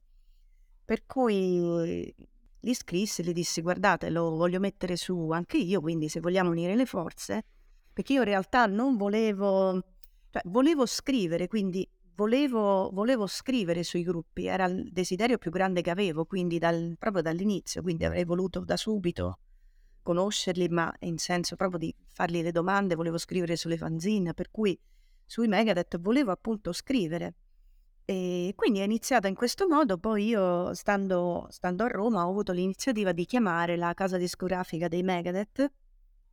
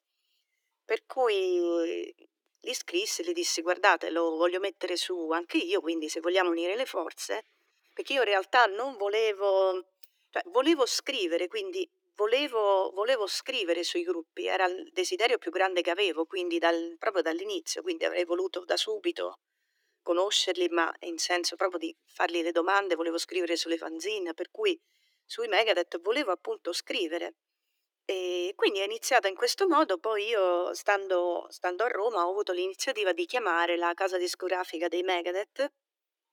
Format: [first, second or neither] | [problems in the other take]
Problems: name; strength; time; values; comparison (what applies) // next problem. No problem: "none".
first | thin; very; fading below 300 Hz